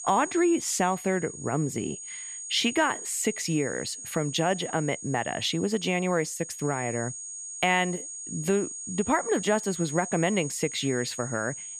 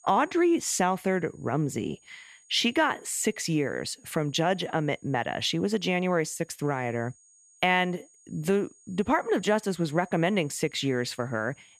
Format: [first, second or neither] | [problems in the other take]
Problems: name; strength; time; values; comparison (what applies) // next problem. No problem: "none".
second | high-pitched whine; loud; throughout; 6.5 kHz, 9 dB below the speech; faint in the second